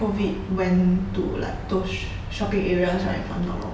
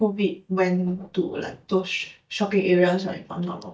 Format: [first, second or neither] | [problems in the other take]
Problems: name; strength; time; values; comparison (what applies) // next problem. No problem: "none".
first | noise reduction (neural mask model DeepFilterNet 3)